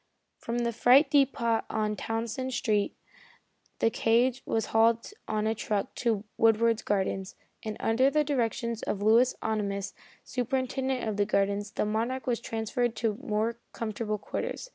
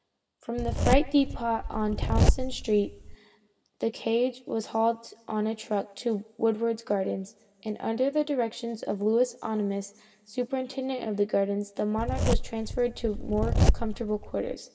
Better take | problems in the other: first | background sound (Zipper (clothing)); 2 dB above the speech // room echo; dies away in 0.9 s

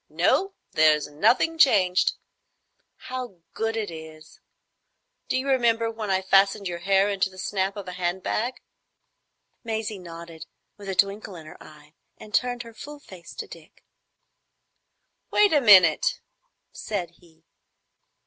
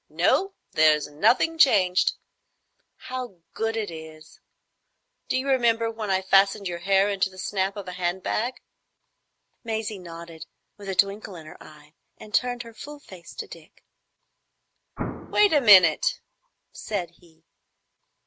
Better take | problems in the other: first | background sound (Explosion); 7 dB below the speech

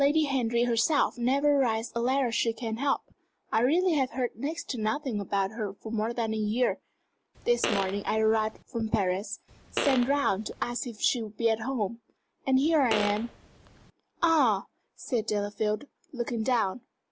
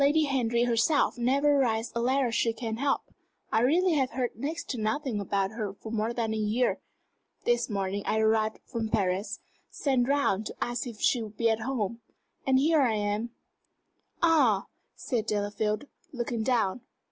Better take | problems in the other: second | background sound (Fart); 8 dB below the speech

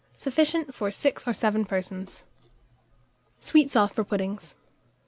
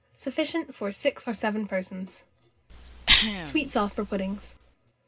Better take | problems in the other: first | background sound (Cough); 2 dB above the speech // room echo; dies away in 0.2 s

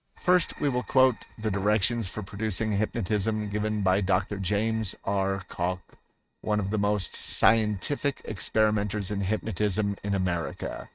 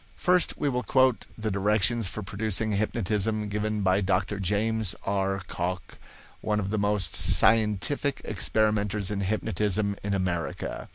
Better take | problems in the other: second | noise reduction (neural mask model RNNoise)

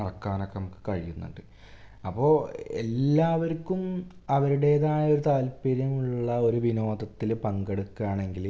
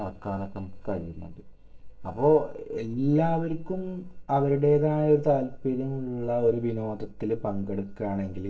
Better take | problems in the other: first | noise reduction (neural separator model SepFormer DNS4)

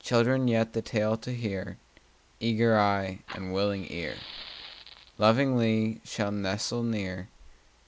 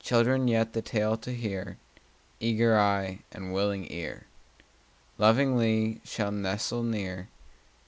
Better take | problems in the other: second | background sound (Fire); 20 dB below the speech

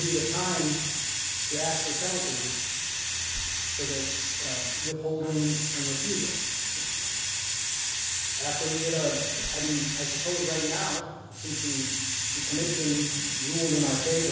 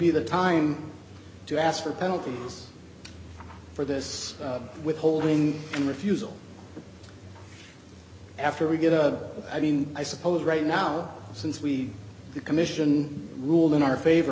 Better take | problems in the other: second | background sound (Hiss); 2 dB above the speech // room echo; dies away in 1.1 s

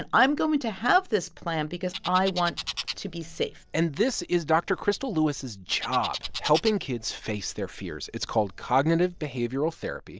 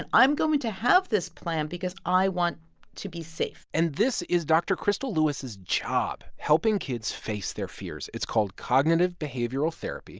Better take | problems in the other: second | background sound (Bird); 13 dB below the speech

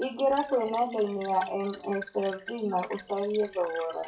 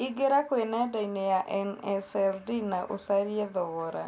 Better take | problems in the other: second | noise reduction (classical method WPE with log-MMSE)

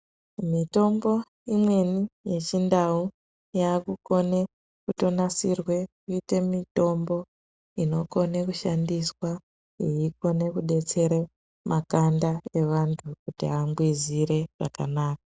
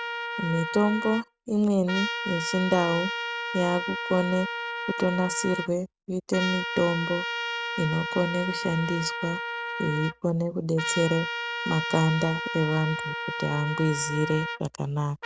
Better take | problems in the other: first | background sound (Trumpet); 5 dB below the speech

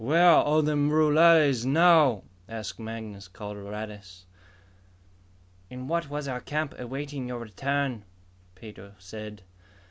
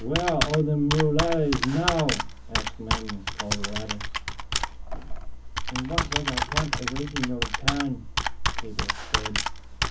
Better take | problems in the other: first | background sound (Computer keyboard); 1 dB above the speech // room echo; dies away in 0.3 s

